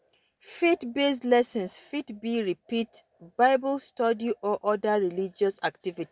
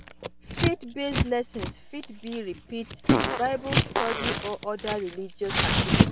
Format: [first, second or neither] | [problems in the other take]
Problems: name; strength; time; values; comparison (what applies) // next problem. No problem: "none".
first | background sound (Scissors + Fart); 5 dB above the speech